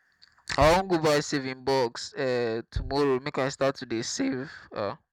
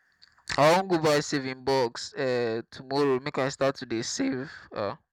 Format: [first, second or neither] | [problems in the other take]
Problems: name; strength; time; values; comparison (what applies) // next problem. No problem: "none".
second | background sound (Bass drum); 14 dB below the speech